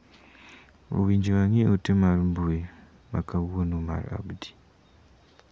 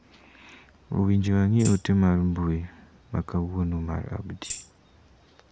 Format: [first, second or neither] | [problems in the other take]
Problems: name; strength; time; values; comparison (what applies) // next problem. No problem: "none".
first | background sound (Tambourine); 14 dB below the speech